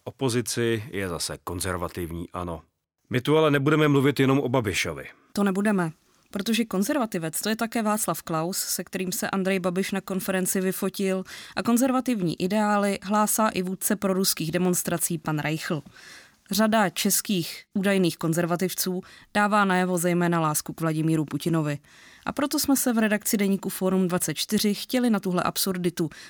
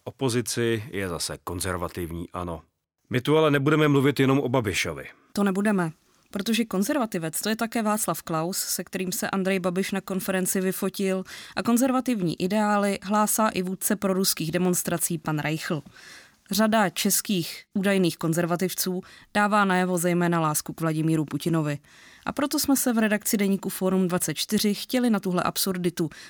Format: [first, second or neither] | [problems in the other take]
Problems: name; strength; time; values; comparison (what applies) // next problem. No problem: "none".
neither | none